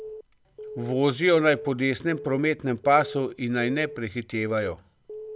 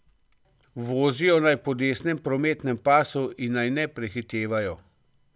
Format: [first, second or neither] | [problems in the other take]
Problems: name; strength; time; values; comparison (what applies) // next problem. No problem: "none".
second | background sound (Alarm / Keyboard (musical)); 15 dB below the speech